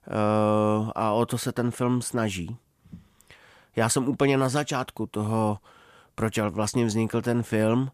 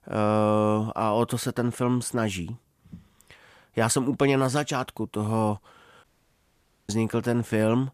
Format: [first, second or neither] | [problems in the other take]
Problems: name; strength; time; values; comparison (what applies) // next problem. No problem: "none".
first | audio cutting out; at 6 s for 1 s